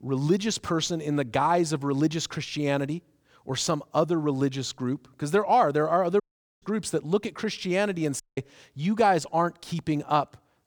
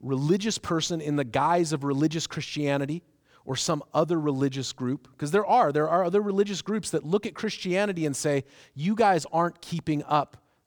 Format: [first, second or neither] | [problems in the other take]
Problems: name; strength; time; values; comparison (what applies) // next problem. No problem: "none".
second | audio cutting out; at 6 s and at 8 s